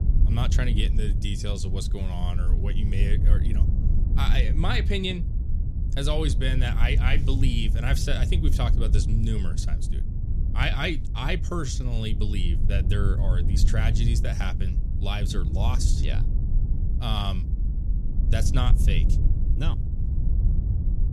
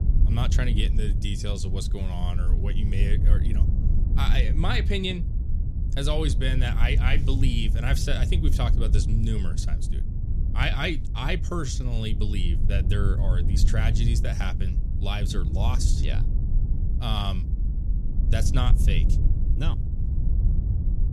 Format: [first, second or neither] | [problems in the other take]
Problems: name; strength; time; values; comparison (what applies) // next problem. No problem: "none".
neither | low rumble; loud; throughout; 9 dB below the speech; the same in both